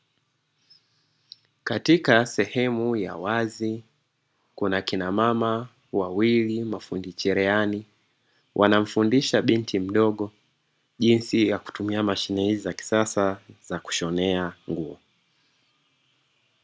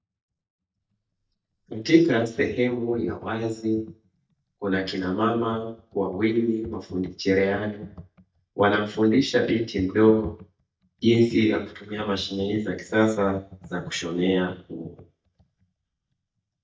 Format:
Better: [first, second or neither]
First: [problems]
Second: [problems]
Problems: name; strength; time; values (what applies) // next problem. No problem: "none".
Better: first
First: none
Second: noise reduction (neural mask model DeepFilterNet 3)